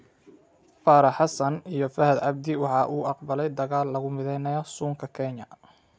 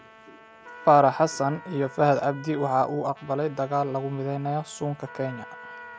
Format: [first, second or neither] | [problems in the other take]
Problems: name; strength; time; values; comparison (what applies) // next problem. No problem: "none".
first | background sound (Trumpet + Trumpet); 19 dB below the speech